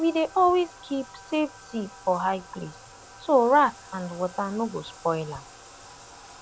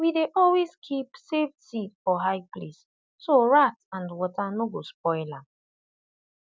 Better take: second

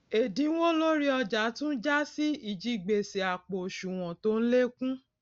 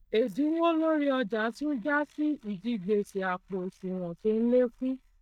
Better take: first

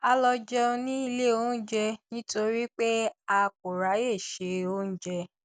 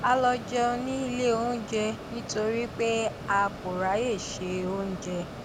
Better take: first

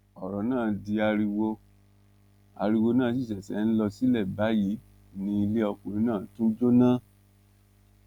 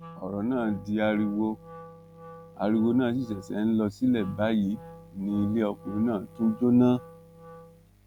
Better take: first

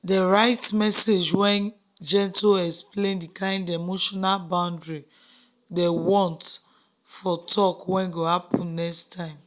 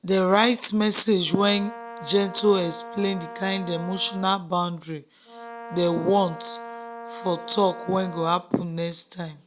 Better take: first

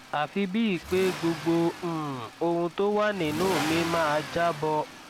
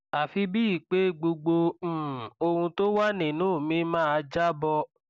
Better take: second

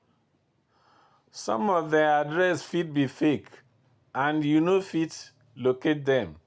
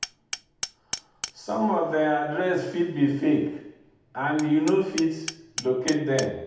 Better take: first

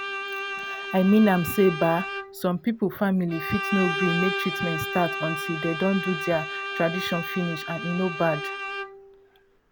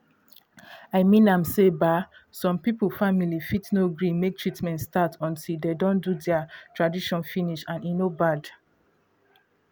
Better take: second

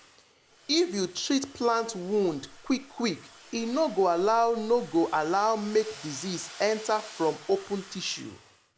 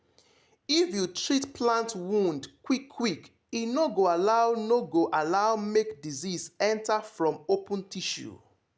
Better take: second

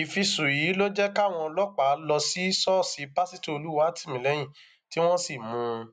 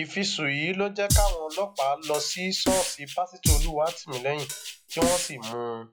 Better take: first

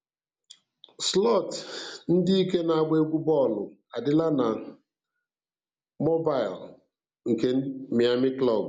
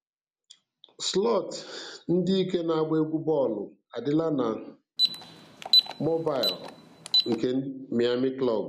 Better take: first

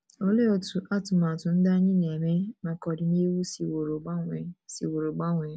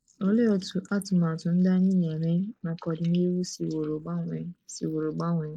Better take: first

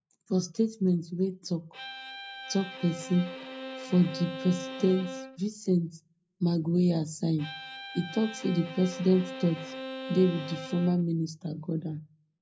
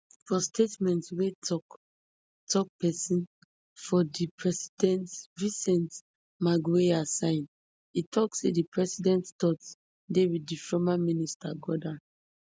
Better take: second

